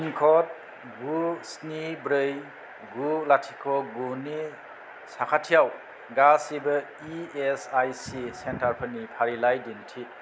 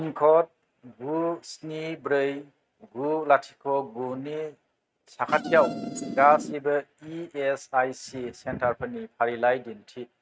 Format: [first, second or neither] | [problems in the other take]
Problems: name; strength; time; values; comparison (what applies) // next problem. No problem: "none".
first | noise reduction (neural mask model RNNoise)